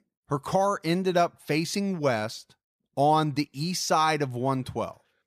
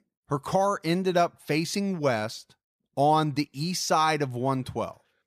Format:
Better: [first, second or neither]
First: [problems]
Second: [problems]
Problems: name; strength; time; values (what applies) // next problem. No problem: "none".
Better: neither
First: none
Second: none